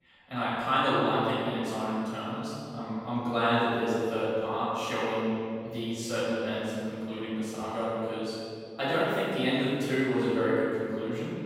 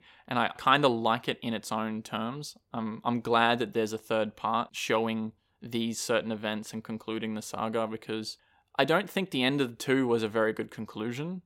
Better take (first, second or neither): second